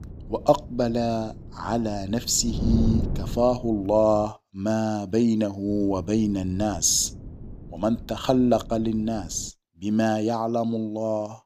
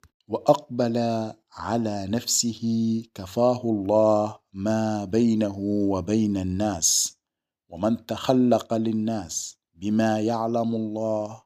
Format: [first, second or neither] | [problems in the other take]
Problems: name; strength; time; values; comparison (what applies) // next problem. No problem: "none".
second | wind noise on the microphone; occasional gusts; until 4.5 s and from 5.5 to 9.5 s; 20 dB below the speech